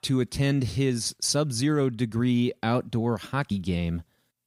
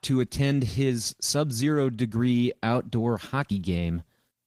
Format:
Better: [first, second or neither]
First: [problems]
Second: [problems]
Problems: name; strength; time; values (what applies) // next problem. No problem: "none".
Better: first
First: none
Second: garbled, watery; slightly; nothing above 15.5 kHz